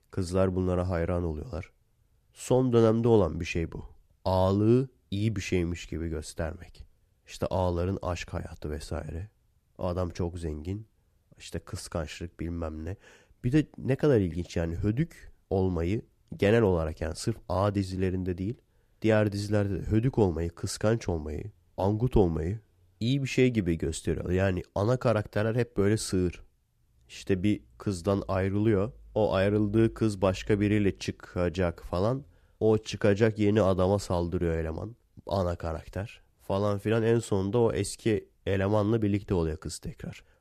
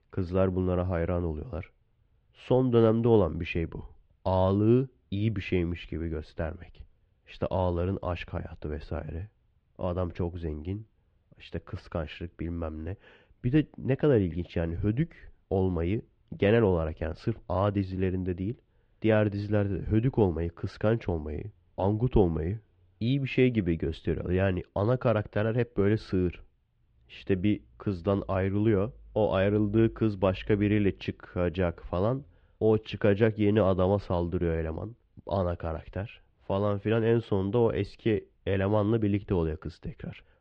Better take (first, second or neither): first